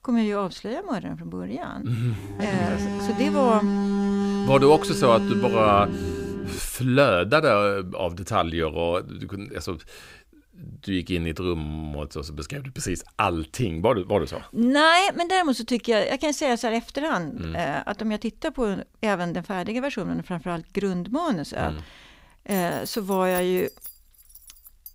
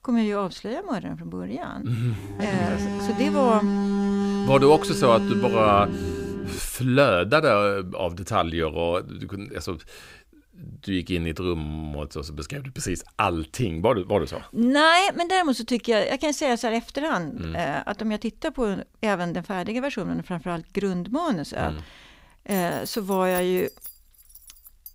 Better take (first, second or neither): neither